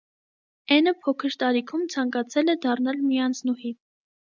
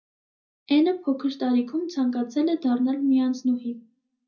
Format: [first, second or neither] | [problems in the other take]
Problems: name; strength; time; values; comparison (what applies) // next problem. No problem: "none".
first | room echo; dies away in 0.4 s